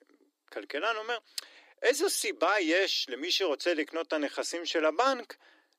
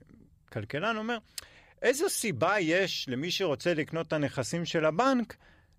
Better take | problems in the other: second | thin; somewhat; fading below 300 Hz

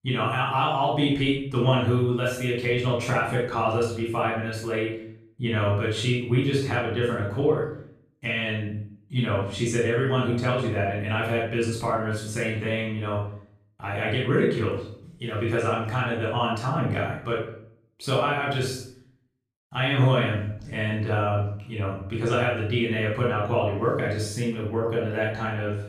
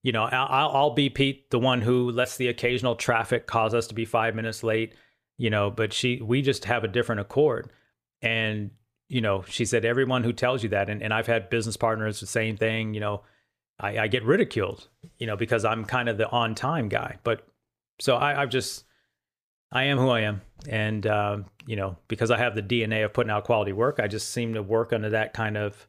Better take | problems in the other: second | off-mic speech; far // room echo; noticeable; dies away in 0.6 s

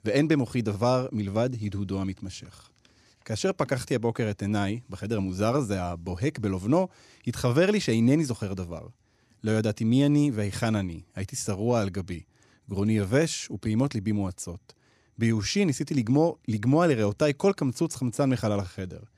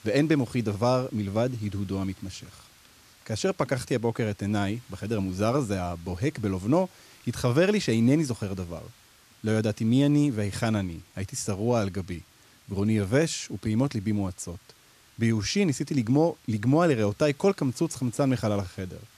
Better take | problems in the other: first | hiss; faint; throughout; 25 dB below the speech

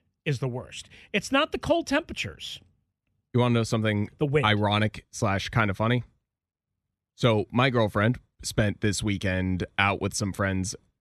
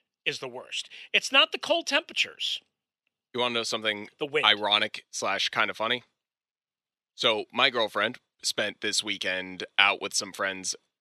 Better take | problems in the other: first | thin; very; fading below 450 Hz

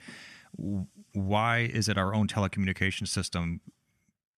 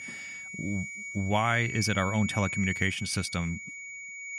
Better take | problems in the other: first | high-pitched whine; loud; throughout; 2.5 kHz, 7 dB below the speech

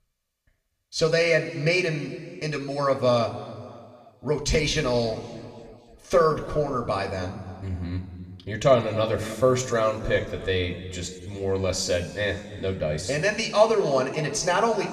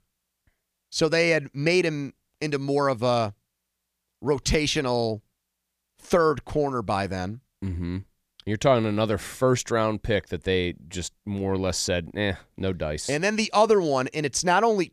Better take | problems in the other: second | room echo; slight; dies away in 2 s // off-mic speech; somewhat distant

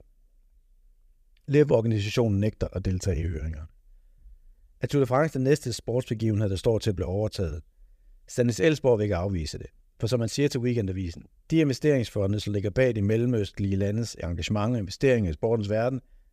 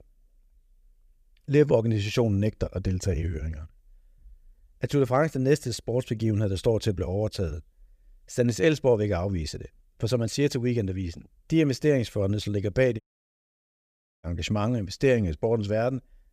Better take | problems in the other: first | audio cutting out; at 13 s for 1 s

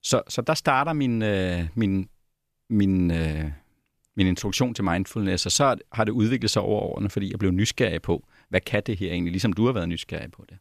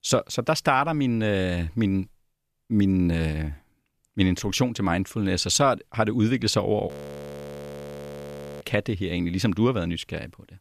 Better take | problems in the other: first | audio freezing; at 7 s for 1.5 s

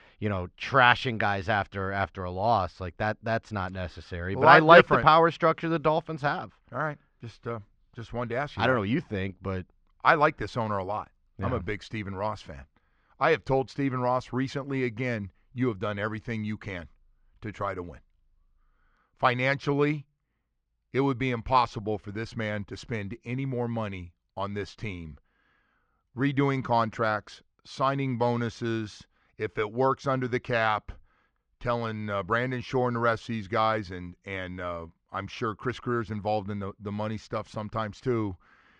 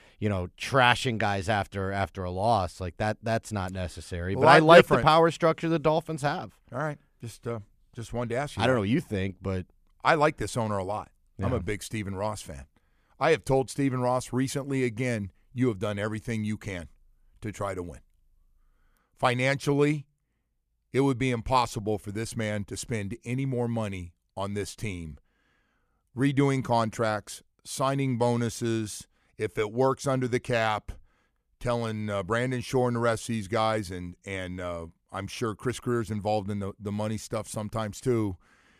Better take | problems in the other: second | muffled; very slightly; fading above 5 kHz

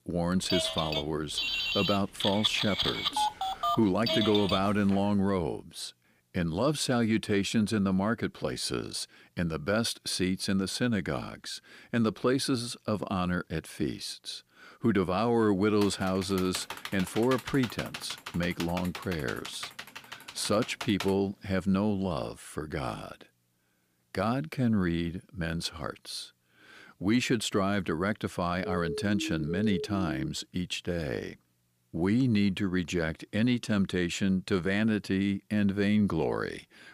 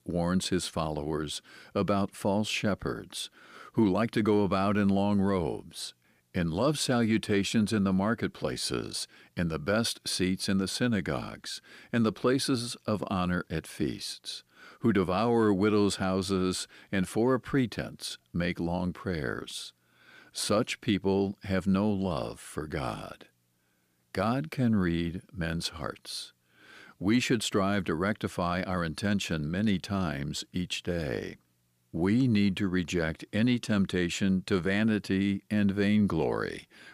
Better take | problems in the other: second | phone ringing; loud; until 4.5 s; peak 2 dB above the speech // keyboard typing; noticeable; from 16 to 21 s; peak 8 dB below the speech // siren; noticeable; from 29 to 30 s; peak 6 dB below the speech

